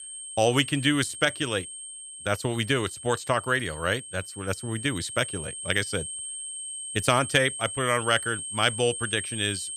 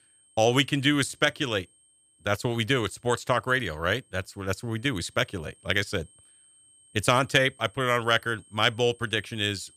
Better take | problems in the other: second | high-pitched whine; loud; throughout; 8.5 kHz, 8 dB below the speech; faint in the second

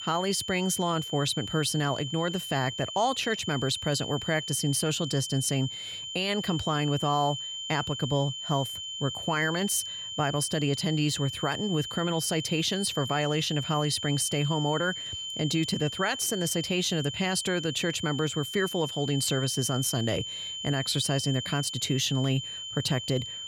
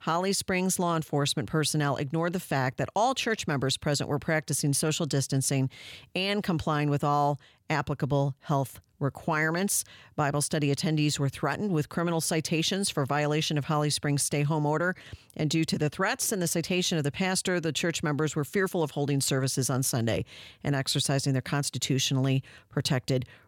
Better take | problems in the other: second | high-pitched whine; loud; throughout; 3 kHz, 6 dB below the speech

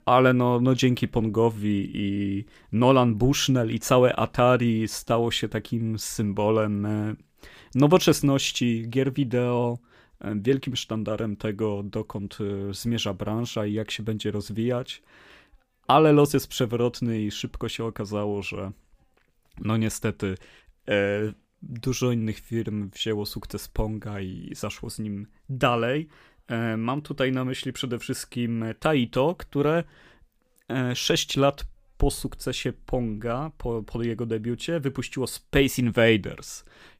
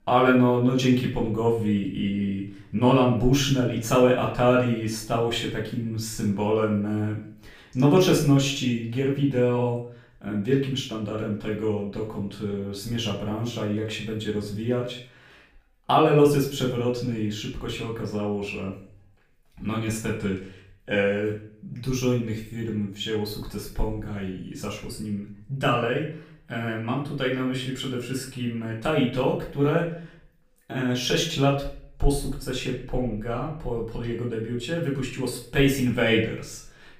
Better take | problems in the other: first | room echo; slight; dies away in 0.5 s // off-mic speech; far

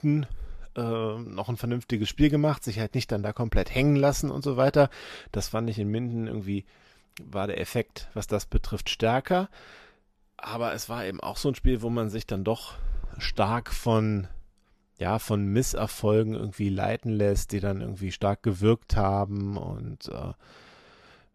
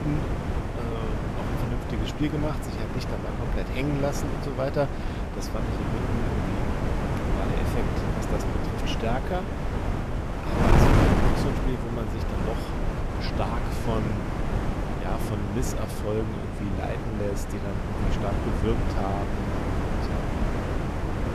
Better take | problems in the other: first | wind noise on the microphone; heavy; 3 dB above the speech

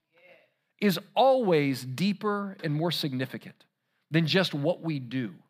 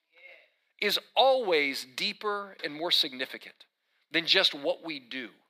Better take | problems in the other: first | thin; somewhat; fading below 350 Hz

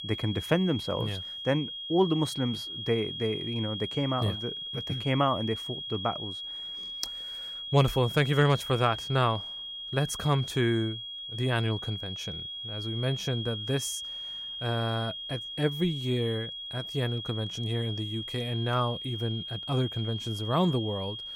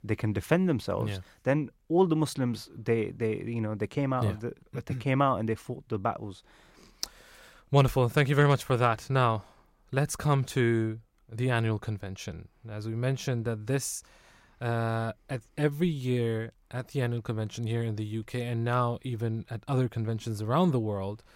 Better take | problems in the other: second | high-pitched whine; loud; throughout; 3.5 kHz, 6 dB below the speech

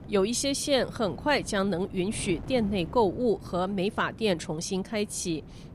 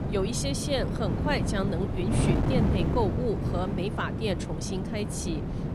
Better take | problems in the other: first | wind noise on the microphone; heavy; 4 dB below the speech; occasional gusts in the first

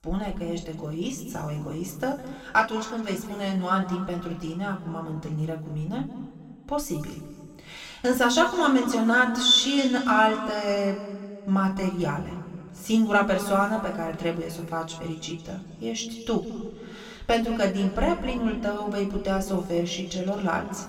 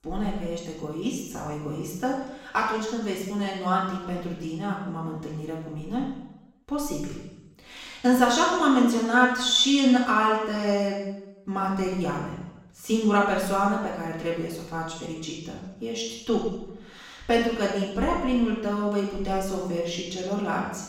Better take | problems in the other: first | room echo; strong; dies away in 0.9 s; slight in the first // off-mic speech; far; somewhat distant in the first

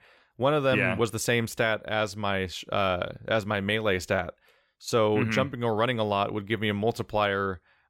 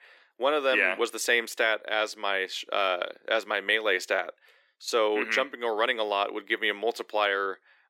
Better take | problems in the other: first | thin; very; fading below 300 Hz

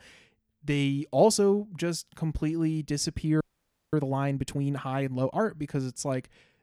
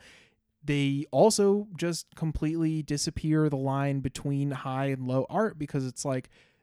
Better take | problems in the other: second | audio freezing; at 3.5 s for 0.5 s

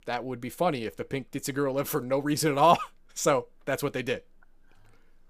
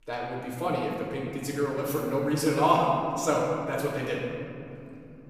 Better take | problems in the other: first | room echo; noticeable; dies away in 3 s // off-mic speech; far

